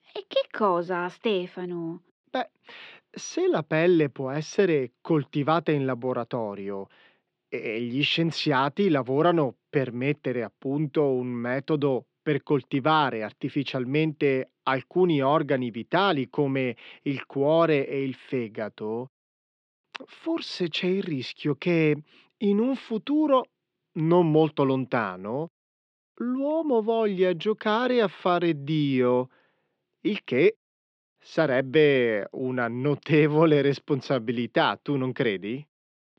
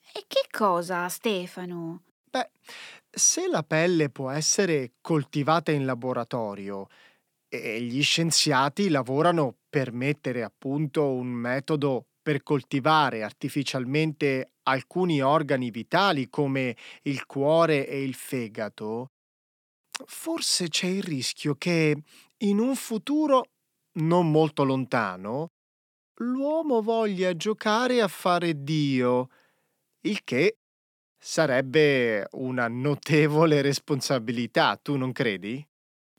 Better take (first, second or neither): second